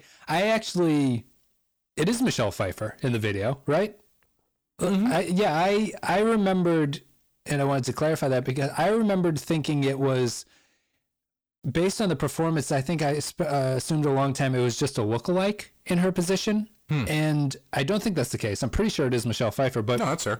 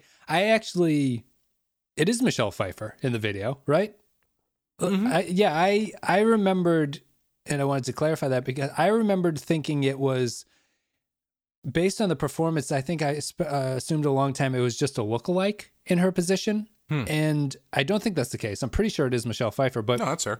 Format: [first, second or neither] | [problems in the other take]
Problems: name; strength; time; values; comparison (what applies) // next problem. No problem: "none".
second | distortion; slight; 10 dB below the speech